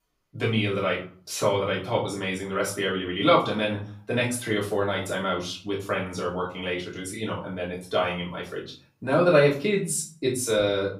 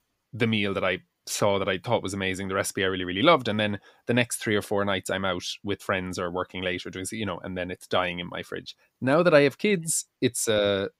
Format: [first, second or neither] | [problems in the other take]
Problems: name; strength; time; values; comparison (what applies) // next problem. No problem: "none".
second | off-mic speech; far // room echo; slight; dies away in 0.4 s